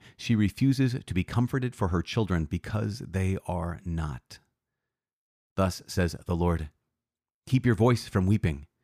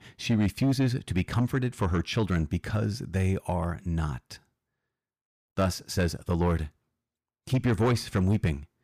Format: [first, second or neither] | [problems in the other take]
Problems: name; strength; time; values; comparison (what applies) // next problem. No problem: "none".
first | distortion; slight; 10 dB below the speech